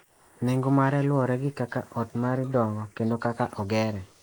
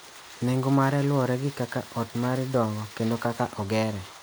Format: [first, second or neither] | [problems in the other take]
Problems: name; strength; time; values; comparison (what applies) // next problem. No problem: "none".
second | noise reduction (neural mask model Resemble Enhance denoiser)